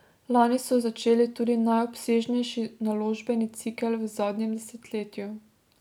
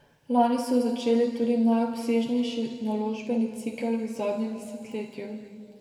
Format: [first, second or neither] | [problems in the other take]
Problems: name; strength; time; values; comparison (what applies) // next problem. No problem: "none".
first | room echo; dies away in 2.2 s